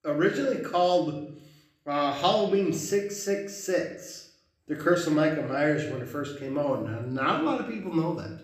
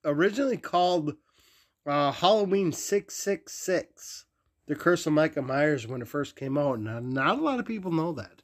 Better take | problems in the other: second | room echo; slight; dies away in 0.6 s // off-mic speech; somewhat distant

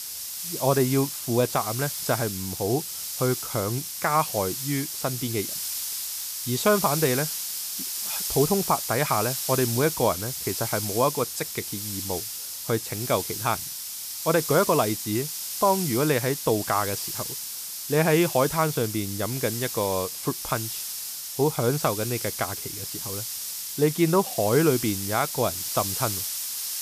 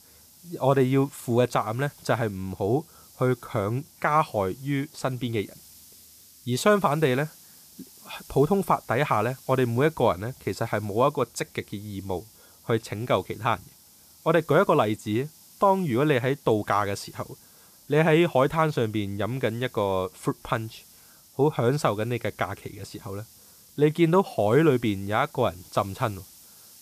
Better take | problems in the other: second | hiss; loud; throughout; 4 dB below the speech; faint in the second

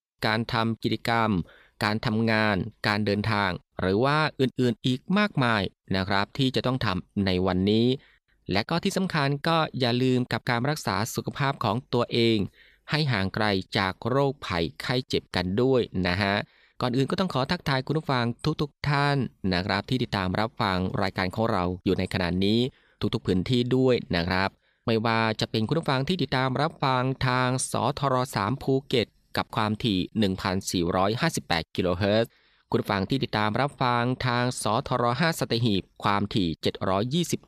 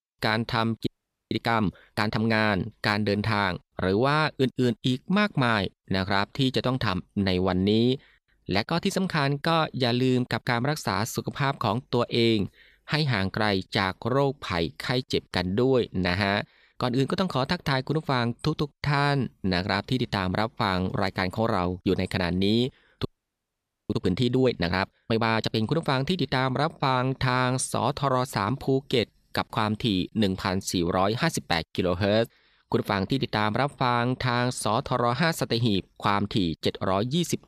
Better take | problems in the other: first | audio freezing; at 1 s and at 23 s for 1 s

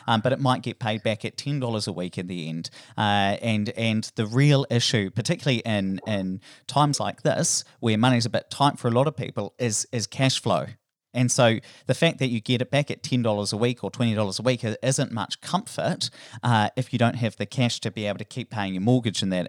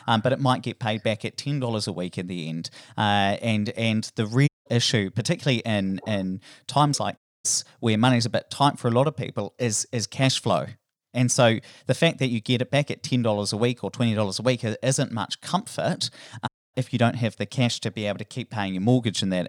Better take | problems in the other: first | audio cutting out; at 4.5 s, at 7 s and at 16 s

